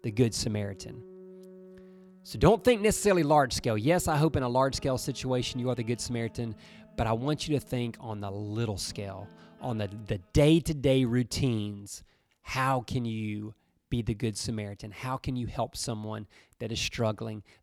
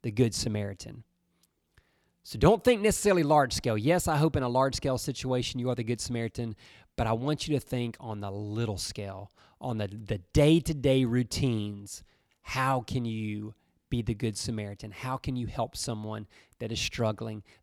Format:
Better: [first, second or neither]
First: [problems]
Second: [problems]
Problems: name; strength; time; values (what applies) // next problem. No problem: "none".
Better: second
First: background music; faint; until 10 s; 25 dB below the speech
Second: none